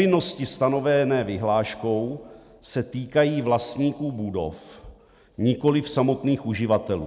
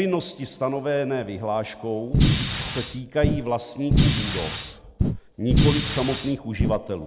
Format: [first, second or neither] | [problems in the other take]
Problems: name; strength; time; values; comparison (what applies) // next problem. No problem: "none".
first | background sound (Fire); 4 dB above the speech